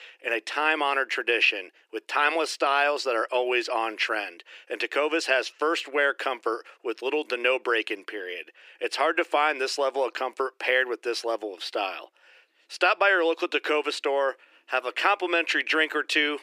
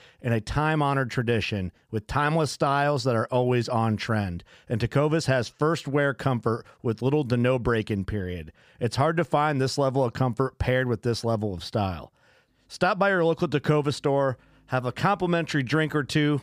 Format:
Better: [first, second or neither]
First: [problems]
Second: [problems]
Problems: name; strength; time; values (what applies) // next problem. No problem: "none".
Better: second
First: thin; very; fading below 300 Hz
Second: none